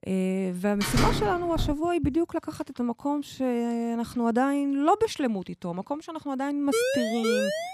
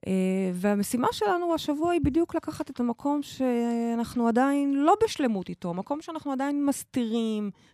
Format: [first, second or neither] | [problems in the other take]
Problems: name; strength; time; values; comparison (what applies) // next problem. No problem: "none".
second | door banging; loud; at 1 s; peak 2 dB above the speech // siren; loud; from 6.5 s on; peak 2 dB above the speech